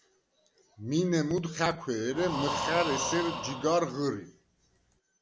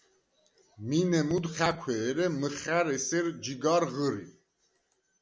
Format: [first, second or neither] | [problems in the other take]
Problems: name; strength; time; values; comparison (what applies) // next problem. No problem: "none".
second | background sound (Breathing); 5 dB below the speech